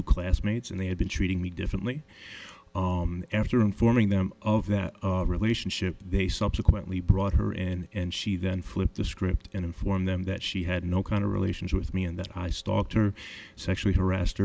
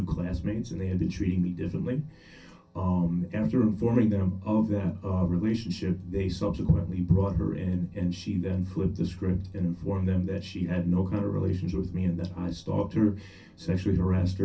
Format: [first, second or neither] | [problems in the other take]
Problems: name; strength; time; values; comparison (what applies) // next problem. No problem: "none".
first | room echo; dies away in 0.3 s